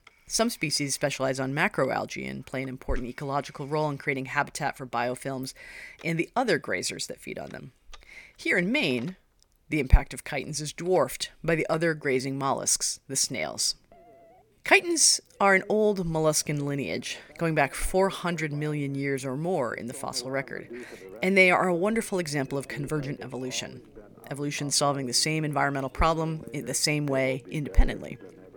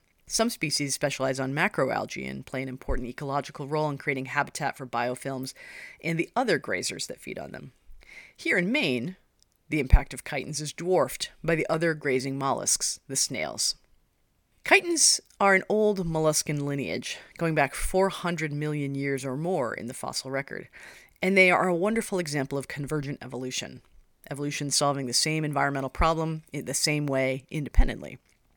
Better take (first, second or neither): second